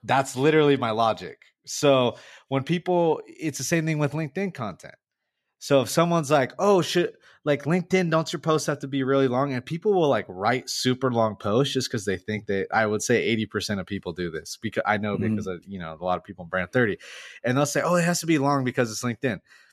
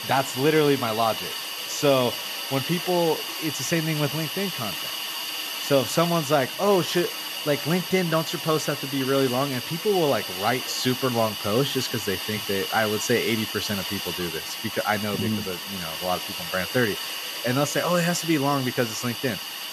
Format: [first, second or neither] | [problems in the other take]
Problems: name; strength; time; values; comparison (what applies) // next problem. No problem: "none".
first | hiss; loud; throughout; 4 dB below the speech